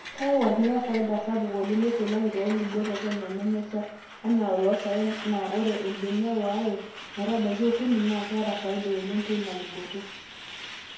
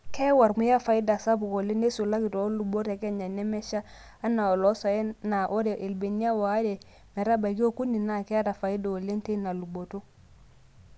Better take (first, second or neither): second